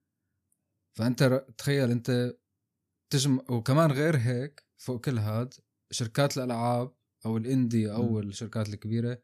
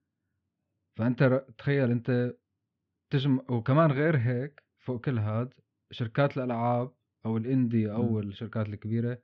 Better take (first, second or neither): first